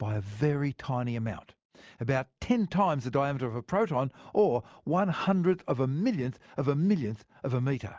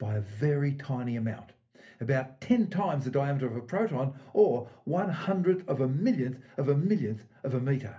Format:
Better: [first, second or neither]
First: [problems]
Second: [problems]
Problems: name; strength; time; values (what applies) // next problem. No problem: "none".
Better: first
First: none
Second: room echo; dies away in 0.3 s